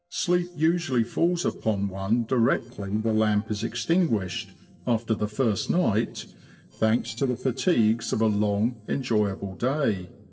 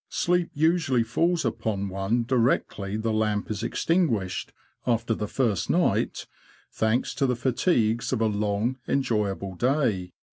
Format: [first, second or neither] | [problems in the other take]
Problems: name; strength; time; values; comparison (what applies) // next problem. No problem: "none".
second | noise reduction (neural separator model SepFormer DNS4)